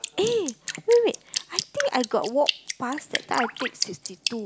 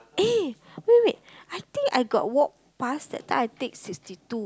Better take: second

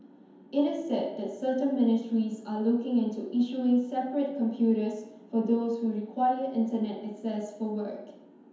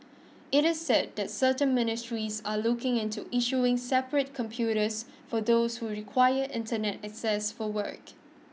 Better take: second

